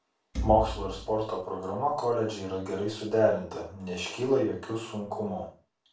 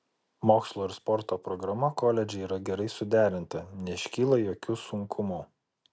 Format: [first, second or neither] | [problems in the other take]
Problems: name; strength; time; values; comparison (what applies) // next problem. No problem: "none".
second | background sound (Thump, thud); 5 dB below the speech // room echo; dies away in 0.3 s